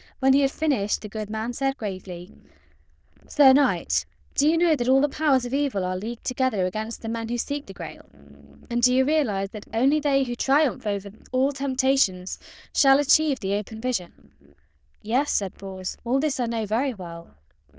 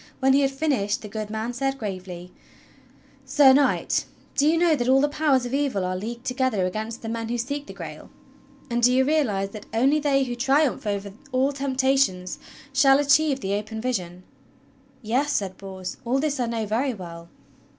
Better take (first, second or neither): second